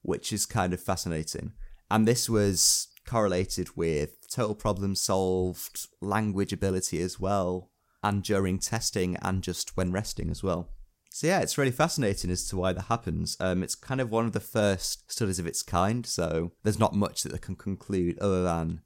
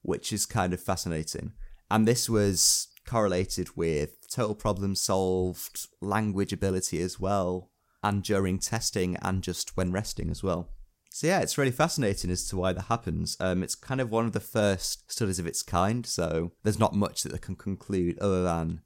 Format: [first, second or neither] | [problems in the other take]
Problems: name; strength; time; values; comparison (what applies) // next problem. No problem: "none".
neither | none